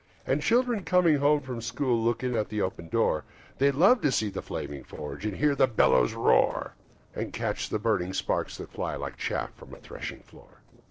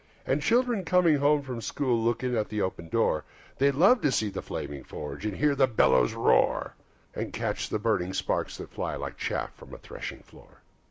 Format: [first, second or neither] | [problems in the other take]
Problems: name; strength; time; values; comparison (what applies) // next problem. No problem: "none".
second | noise reduction (neural separator model SepFormer DNS4)